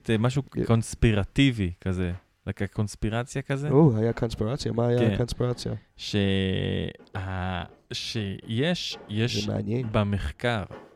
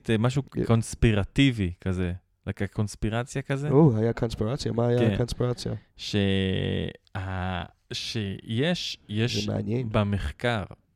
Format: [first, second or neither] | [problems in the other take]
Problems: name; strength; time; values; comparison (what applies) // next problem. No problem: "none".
second | household noises; faint; throughout; 30 dB below the speech